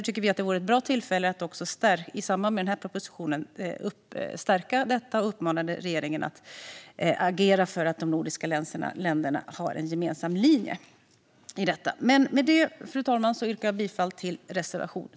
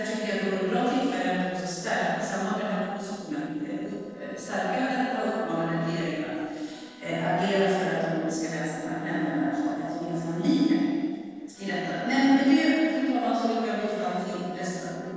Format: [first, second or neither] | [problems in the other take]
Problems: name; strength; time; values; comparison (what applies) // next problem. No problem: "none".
first | noise reduction (neural separator model SepFormer DNS4)